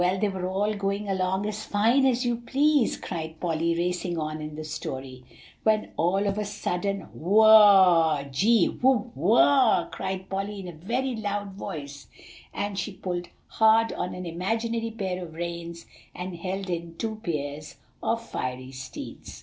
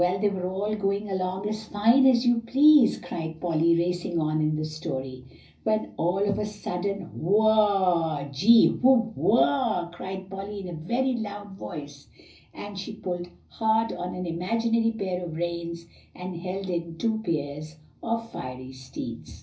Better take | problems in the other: first | room echo; dies away in 0.4 s

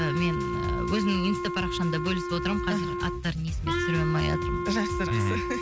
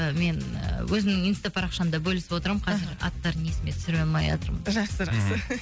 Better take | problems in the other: second | background sound (Wind instrument, woodwind instrument); 3 dB below the speech

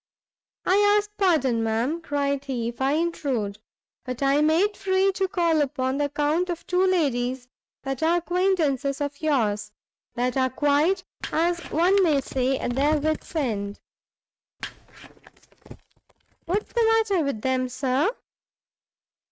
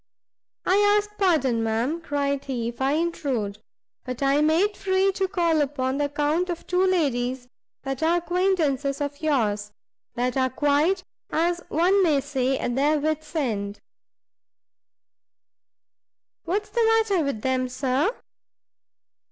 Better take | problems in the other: second | noise reduction (neural mask model RNNoise)

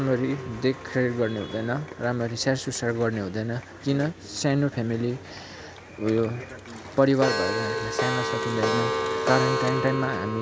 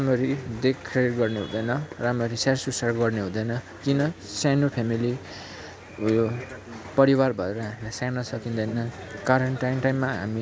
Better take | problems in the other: second | background sound (Clock); 5 dB below the speech

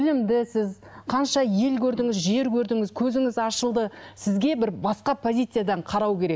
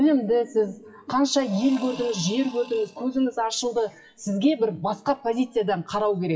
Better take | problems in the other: first | noise reduction (classical method WPE with log-MMSE)

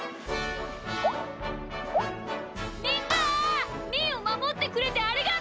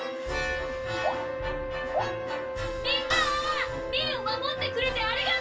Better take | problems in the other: first | background sound (Wind instrument, woodwind instrument); 4 dB below the speech // room echo; dies away in 0.2 s

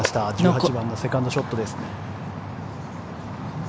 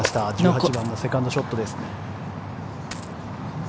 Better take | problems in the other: first | background sound (Coin (dropping)); 15 dB below the speech

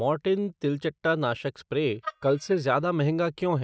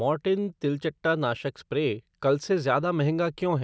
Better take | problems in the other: second | noise reduction (neural mask model DeepFilterNet 3)

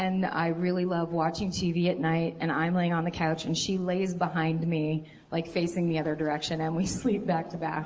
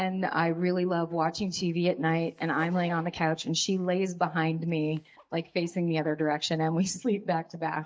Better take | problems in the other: first | noise reduction (neural mask model DeepFilterNet 3)

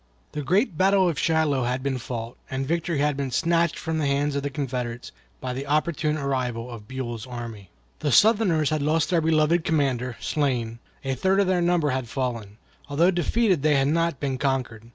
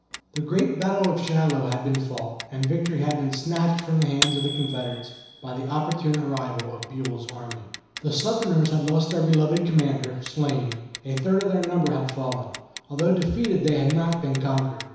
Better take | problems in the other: first | background sound (Clock); 13 dB below the speech // room echo; dies away in 1 s

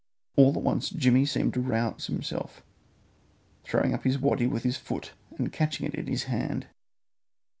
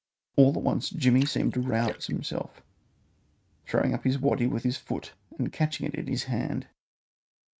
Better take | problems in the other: first | noise reduction (neural mask model RNNoise)

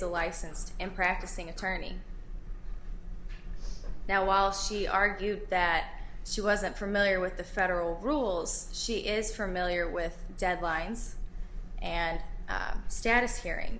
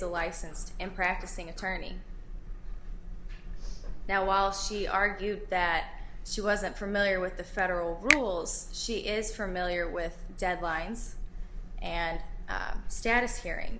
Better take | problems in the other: first | background sound (Finger snapping); 3 dB below the speech

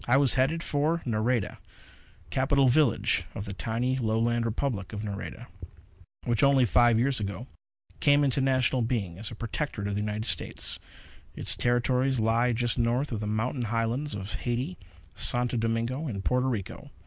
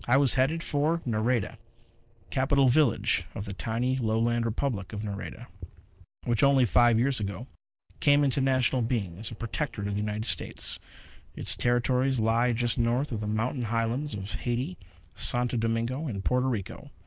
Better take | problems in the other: first | noise reduction (neural separator model SepFormer DNS4)

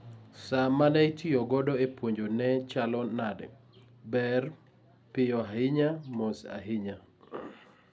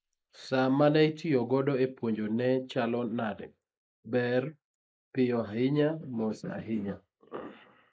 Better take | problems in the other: first | noise reduction (neural mask model Resemble Enhance denoiser)

